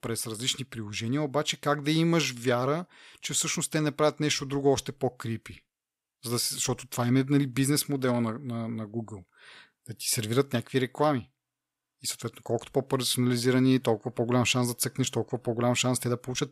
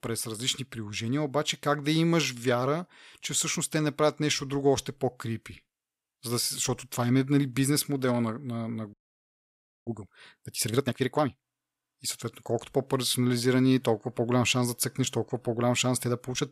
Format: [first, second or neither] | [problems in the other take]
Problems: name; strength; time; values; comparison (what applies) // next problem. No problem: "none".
first | audio freezing; at 9 s for 1 s